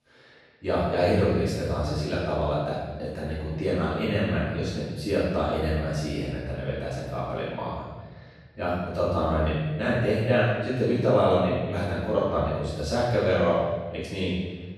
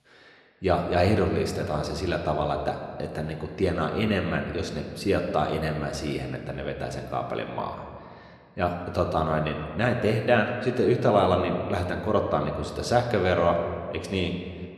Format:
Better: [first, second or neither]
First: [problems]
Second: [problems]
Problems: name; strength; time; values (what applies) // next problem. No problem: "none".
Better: second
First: room echo; strong; dies away in 1.4 s // off-mic speech; far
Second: room echo; slight; dies away in 1.7 s